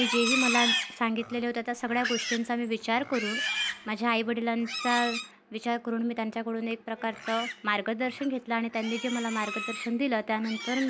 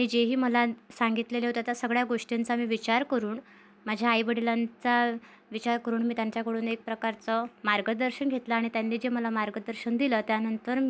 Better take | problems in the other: second | background sound (Livestock, farm animals, working animals); 5 dB below the speech

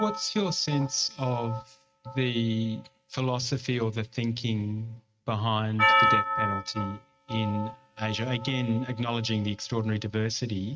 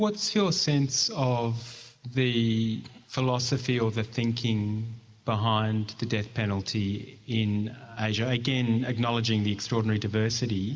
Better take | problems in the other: second | noise reduction (neural mask model RNNoise)

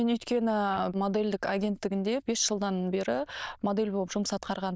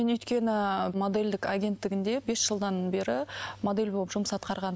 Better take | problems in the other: second | noise reduction (neural diffusion model UNIVERSE++)

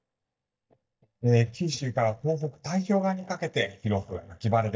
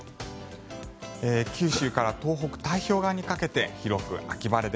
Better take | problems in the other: second | noise reduction (neural mask model DeepFilterNet 3)

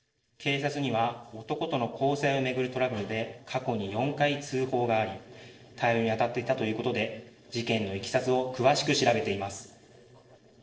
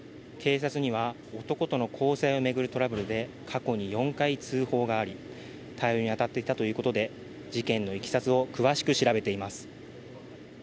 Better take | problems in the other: second | noise reduction (neural separator model SepFormer DNS4)

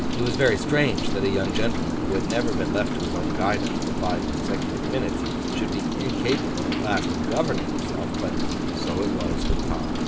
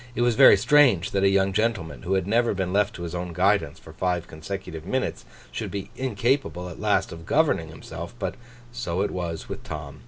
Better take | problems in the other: second | background sound (Rain); 3 dB above the speech

